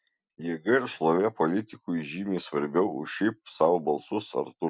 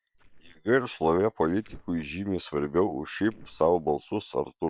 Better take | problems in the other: first | noise reduction (neural separator model SepFormer WHAM!)

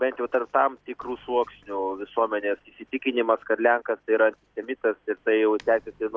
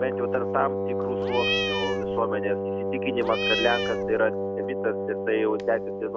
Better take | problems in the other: first | background sound (Cat + Wind instrument, woodwind instrument); 1 dB above the speech

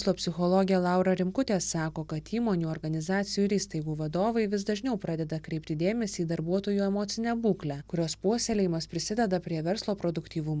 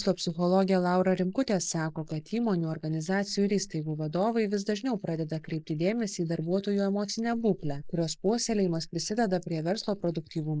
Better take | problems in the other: first | noise reduction (neural mask model Resemble Enhance denoiser)

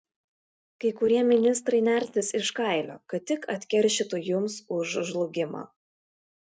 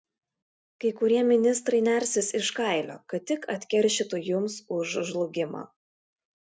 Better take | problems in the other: second | noise reduction (neural mask model RNNoise)

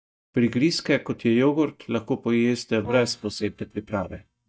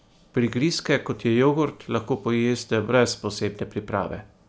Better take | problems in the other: second | noise reduction (neural mask model DeepFilterNet 3)

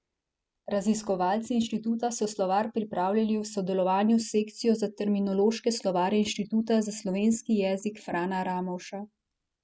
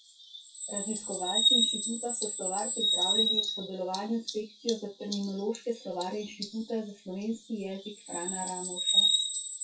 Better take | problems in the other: first | noise reduction (classical method WPE with log-MMSE)

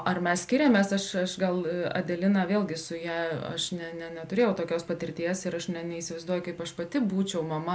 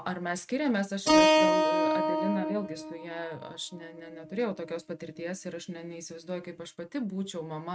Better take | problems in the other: first | noise reduction (neural mask model RNNoise)

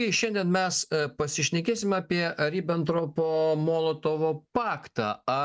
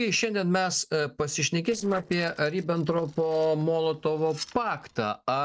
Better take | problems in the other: first | noise reduction (neural separator model SepFormer DNS4)

